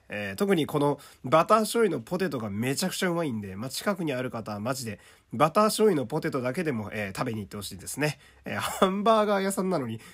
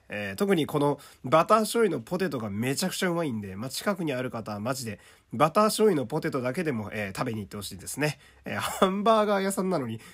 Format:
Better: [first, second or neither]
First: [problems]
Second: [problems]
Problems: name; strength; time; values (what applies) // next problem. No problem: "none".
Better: neither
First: none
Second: none